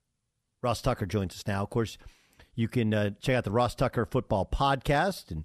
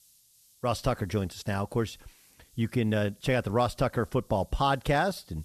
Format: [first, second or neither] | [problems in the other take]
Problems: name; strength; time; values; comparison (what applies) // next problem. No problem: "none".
first | hiss; faint; throughout; 30 dB below the speech